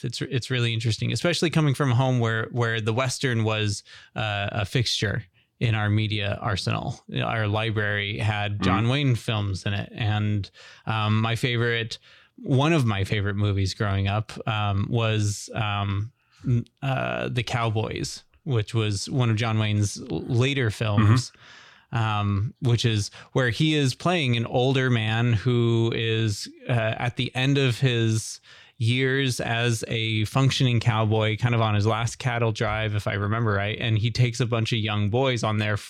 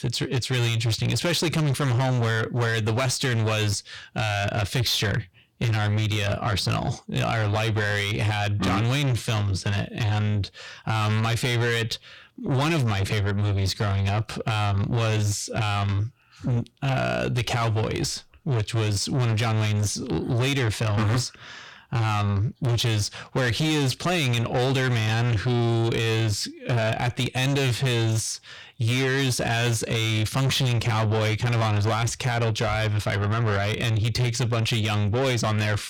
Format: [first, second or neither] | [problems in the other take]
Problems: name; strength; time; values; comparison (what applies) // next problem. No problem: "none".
first | distortion; heavy; 8 dB below the speech